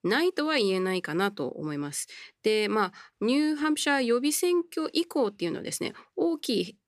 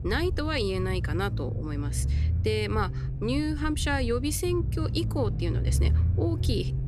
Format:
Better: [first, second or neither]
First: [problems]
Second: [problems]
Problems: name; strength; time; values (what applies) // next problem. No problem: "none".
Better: first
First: none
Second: low rumble; noticeable; throughout; 10 dB below the speech